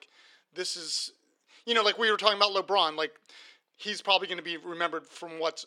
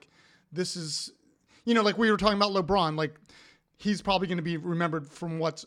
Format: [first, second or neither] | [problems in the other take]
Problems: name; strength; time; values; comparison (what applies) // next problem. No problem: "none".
second | thin; very; fading below 400 Hz